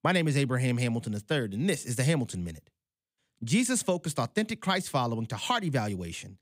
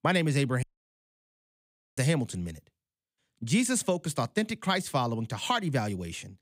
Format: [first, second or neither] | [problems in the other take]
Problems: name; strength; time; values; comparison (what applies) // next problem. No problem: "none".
first | audio cutting out; at 0.5 s for 1.5 s